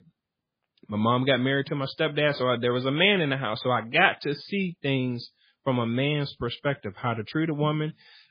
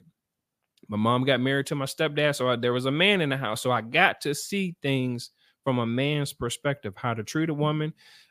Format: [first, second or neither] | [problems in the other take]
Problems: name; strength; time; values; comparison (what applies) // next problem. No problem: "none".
second | garbled, watery; badly; nothing above 4.5 kHz